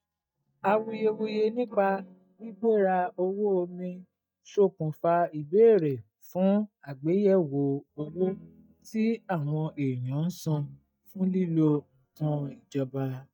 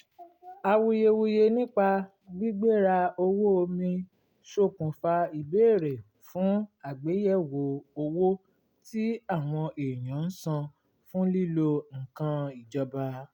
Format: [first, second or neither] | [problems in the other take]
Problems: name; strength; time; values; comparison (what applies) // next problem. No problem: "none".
second | noise reduction (neural mask model DeepFilterNet 3)